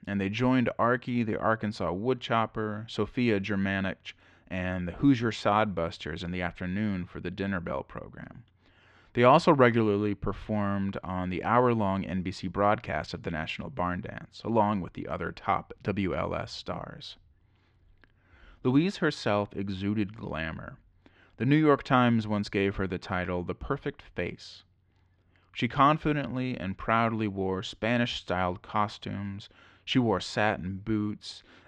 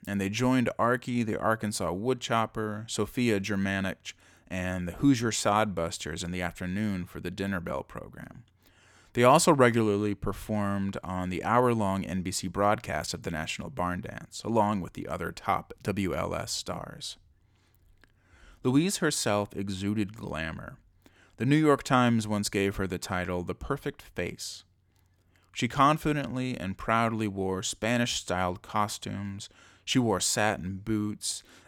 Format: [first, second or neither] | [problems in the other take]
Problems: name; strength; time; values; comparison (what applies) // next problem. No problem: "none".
second | muffled; slightly; fading above 3.5 kHz